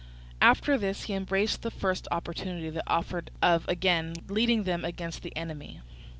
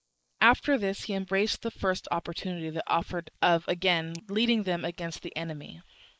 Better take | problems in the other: first | noise reduction (neural mask model Resemble Enhance denoiser)

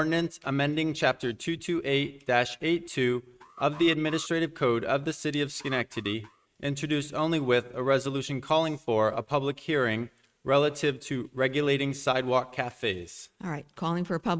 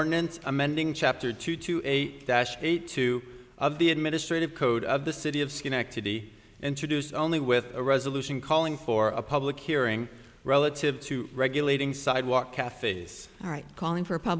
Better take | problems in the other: second | noise reduction (neural mask model RNNoise)

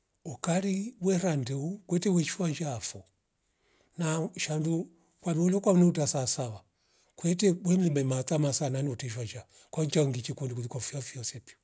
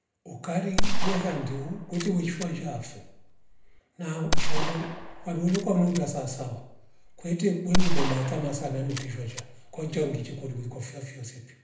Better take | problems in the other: first | background sound (Gunshot, gunfire); 4 dB above the speech // room echo; dies away in 0.7 s

